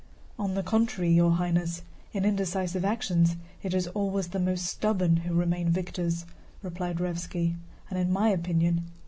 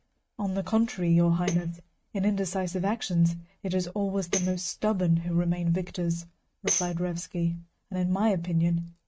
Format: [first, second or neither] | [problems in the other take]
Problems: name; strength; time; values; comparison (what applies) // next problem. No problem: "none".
first | noise reduction (neural mask model RNNoise)